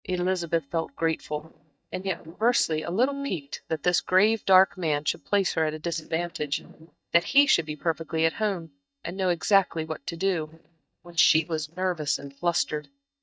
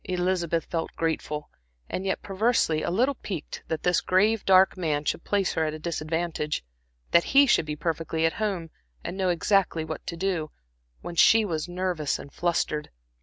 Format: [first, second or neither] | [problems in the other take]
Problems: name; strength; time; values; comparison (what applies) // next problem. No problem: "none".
second | noise reduction (neural mask model DeepFilterNet 3)